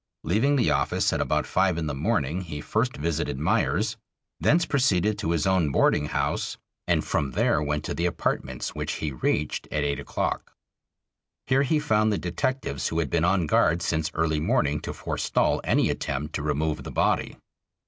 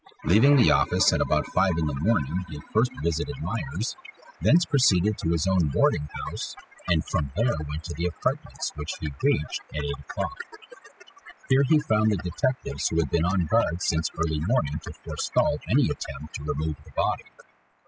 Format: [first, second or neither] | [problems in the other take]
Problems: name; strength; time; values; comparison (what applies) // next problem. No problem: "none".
first | noise reduction (classical method spectral subtraction)